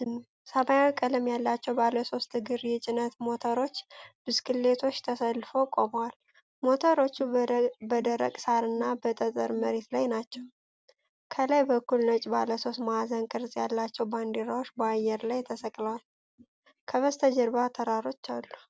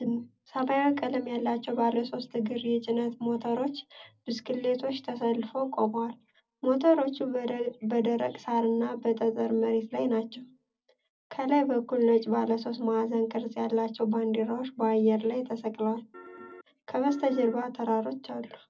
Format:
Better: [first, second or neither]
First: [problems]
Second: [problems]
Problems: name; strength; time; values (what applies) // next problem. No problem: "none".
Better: first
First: none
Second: background sound (Piano); 17 dB below the speech // room echo; dies away in 0.4 s